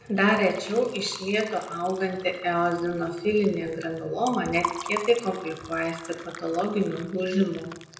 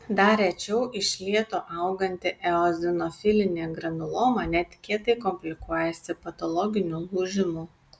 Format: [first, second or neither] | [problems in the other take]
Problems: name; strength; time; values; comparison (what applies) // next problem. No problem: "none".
second | background sound (Liquid); 14 dB below the speech // room echo; dies away in 0.8 s